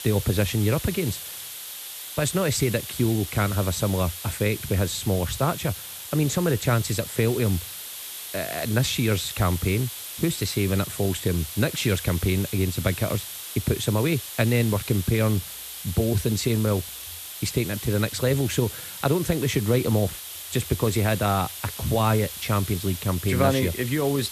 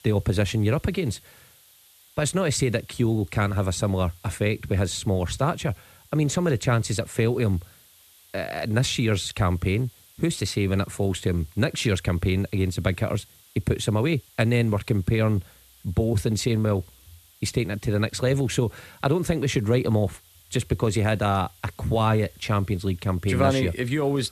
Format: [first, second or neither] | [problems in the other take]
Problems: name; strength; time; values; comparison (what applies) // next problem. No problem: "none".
second | hiss; loud; throughout; 9 dB below the speech; faint in the second